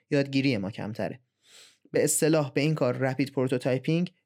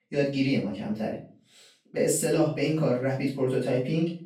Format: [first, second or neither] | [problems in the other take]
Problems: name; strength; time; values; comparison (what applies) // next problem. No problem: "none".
first | off-mic speech; far // room echo; noticeable; dies away in 0.3 s